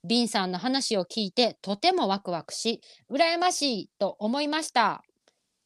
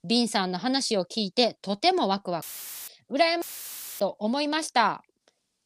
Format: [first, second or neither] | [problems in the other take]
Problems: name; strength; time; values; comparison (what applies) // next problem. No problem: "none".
first | audio cutting out; filled with static; at 2.5 s and at 3.5 s for 0.5 s